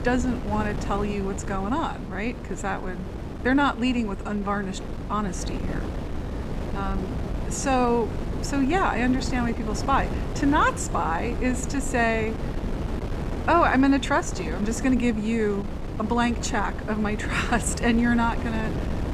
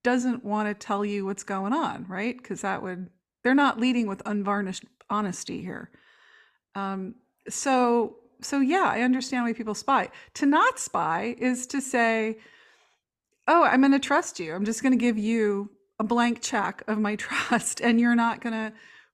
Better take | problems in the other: second | wind noise on the microphone; occasional gusts; 10 dB below the speech

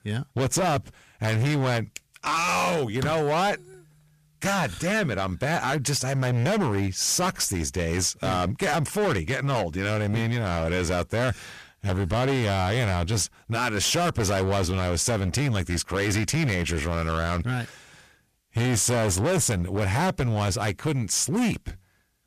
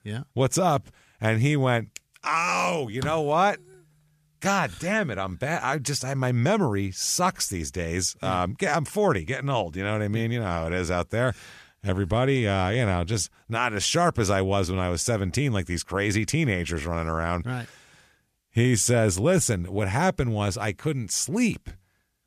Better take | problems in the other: second | distortion; heavy; 20% of the sound clipped

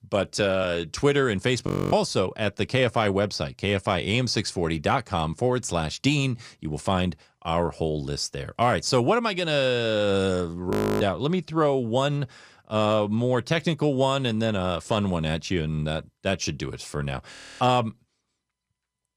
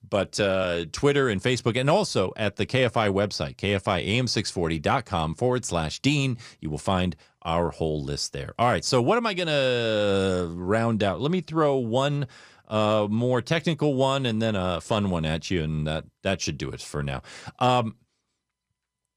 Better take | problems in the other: second | audio freezing; at 1.5 s, at 11 s and at 17 s

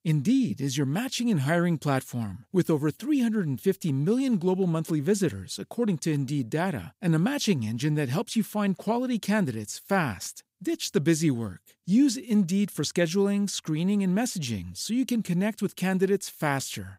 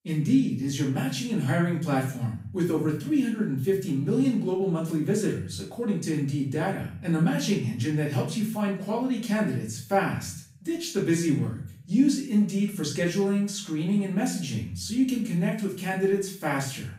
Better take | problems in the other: first | room echo; noticeable; dies away in 0.5 s // off-mic speech; far

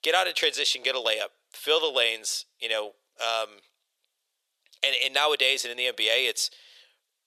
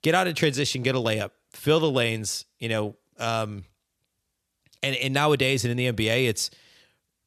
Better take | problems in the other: second | thin; very; fading below 500 Hz

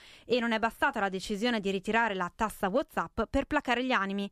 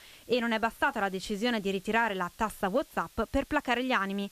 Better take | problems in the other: first | hiss; faint; throughout; 25 dB below the speech

